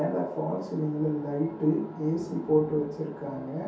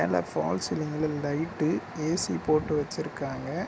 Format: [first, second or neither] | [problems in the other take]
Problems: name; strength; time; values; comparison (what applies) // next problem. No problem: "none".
second | room echo; dies away in 0.6 s